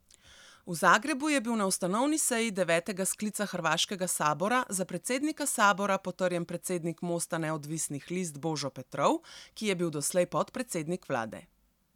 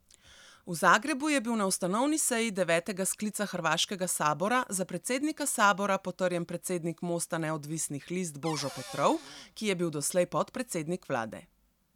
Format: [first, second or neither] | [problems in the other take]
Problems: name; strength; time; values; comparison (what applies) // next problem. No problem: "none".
first | background sound (Cupboard open or close / Door); 14 dB below the speech